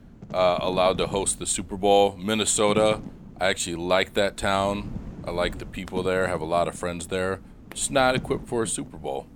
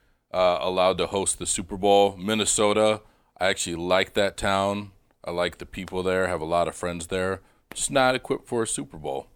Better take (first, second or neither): second